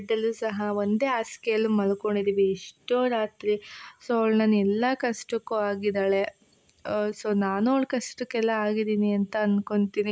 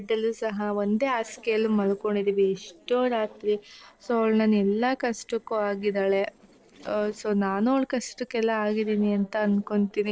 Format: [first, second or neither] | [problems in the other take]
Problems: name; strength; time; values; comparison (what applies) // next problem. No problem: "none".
first | noise reduction (neural separator model SepFormer DNS4)